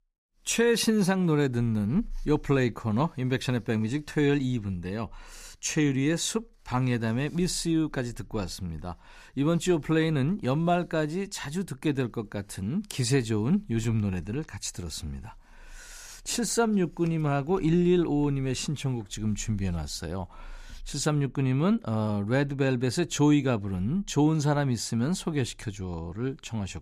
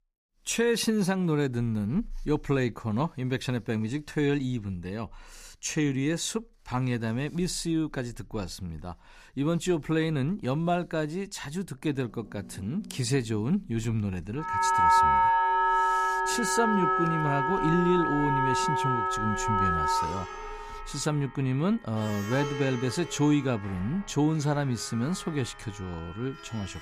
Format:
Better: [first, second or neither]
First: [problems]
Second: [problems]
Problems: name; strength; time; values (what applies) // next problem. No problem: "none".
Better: first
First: none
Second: background music; very loud; from 12 s on; 3 dB above the speech